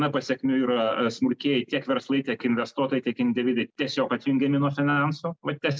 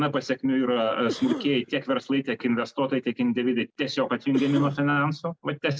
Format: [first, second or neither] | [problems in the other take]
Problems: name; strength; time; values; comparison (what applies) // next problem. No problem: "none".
first | background sound (Cough); 11 dB below the speech